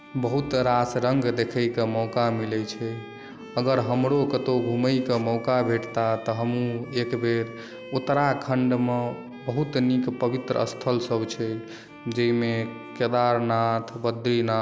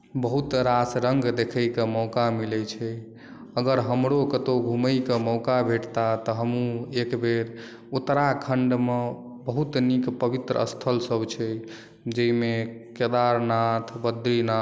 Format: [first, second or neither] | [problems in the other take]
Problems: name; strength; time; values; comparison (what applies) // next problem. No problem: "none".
second | background sound (Bowed string instrument); 19 dB below the speech